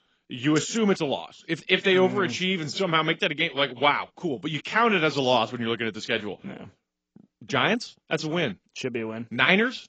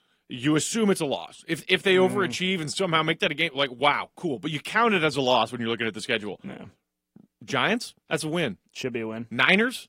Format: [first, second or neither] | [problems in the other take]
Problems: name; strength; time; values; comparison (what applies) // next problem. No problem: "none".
second | garbled, watery; badly; nothing above 7.5 kHz; slightly in the second